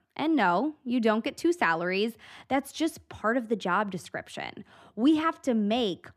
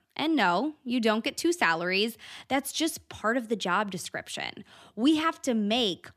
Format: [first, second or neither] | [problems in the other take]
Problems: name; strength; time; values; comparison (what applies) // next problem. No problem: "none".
second | muffled; slightly; fading above 2.5 kHz